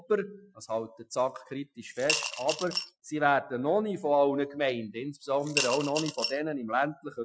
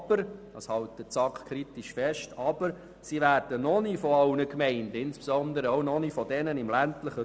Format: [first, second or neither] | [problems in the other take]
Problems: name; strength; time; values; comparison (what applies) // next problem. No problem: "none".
second | noise reduction (classical method Wiener filter)